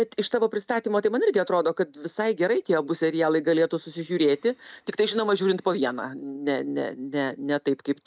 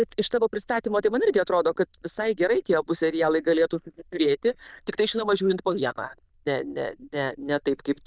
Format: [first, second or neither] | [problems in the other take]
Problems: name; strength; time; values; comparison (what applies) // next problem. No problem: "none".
first | noise reduction (neural diffusion model UNIVERSE++)